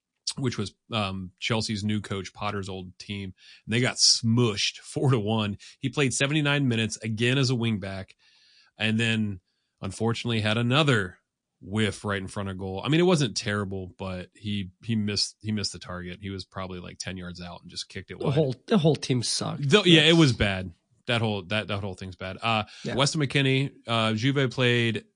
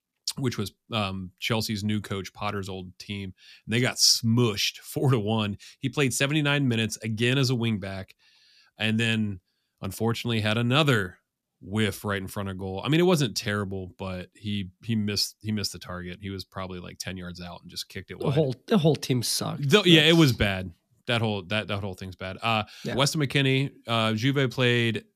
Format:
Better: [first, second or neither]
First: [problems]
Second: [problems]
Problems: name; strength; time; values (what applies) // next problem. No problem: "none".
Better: second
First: garbled, watery; slightly; nothing above 9 kHz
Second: none